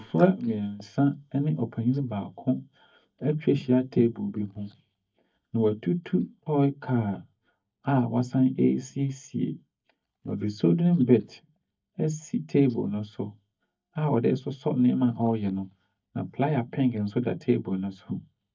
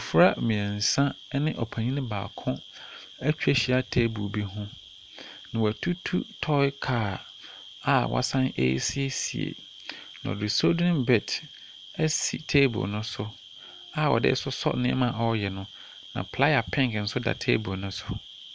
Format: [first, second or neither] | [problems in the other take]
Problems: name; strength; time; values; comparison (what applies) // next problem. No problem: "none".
second | noise reduction (neural mask model DeepFilterNet 3)